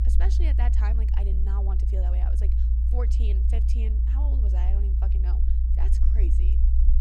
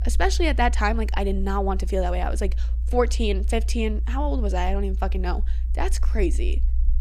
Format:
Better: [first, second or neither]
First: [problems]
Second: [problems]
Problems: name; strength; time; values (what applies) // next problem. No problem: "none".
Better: second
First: low rumble; loud; throughout; 1 dB below the speech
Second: low rumble; faint; throughout; 20 dB below the speech